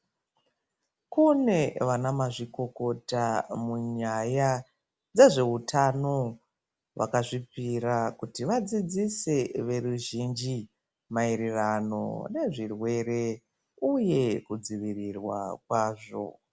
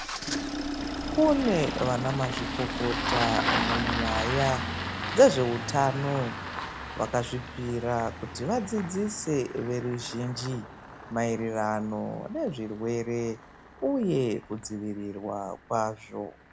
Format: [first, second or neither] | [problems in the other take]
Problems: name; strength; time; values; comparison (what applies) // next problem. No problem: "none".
first | background sound (Engine starting); 5 dB below the speech